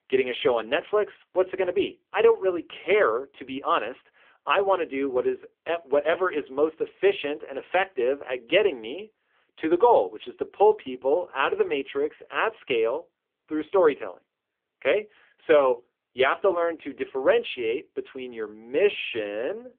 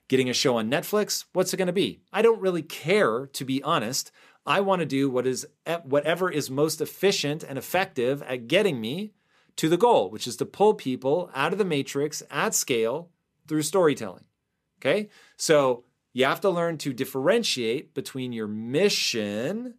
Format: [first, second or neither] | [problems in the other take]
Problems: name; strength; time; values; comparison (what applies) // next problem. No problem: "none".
second | phone-call audio; poor line; nothing above 3.5 kHz